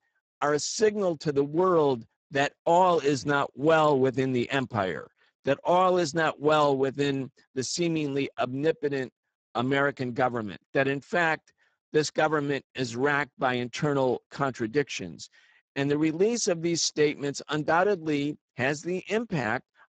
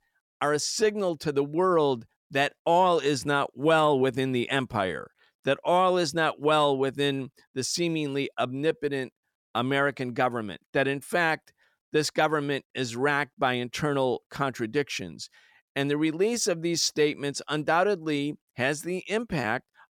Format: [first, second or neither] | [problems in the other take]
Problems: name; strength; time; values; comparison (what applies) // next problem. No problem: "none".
second | garbled, watery; badly; nothing above 7.5 kHz